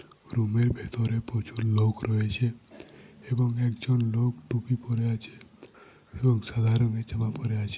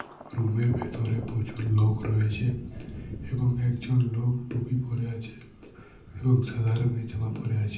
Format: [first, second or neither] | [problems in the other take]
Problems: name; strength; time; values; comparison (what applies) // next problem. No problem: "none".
first | background sound (Thunder); 15 dB below the speech // room echo; dies away in 0.6 s